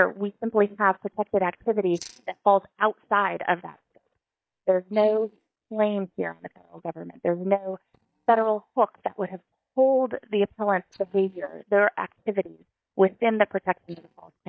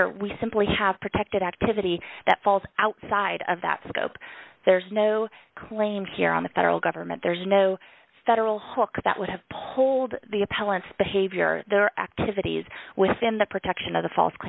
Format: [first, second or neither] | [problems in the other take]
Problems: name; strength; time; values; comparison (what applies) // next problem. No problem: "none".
second | noise reduction (neural mask model DeepFilterNet 3)